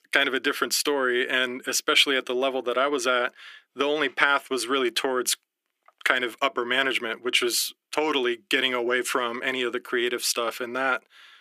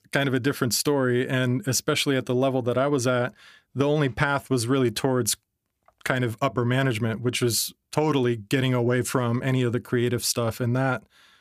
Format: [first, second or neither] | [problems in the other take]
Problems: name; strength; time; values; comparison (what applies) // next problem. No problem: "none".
second | thin; somewhat; fading below 350 Hz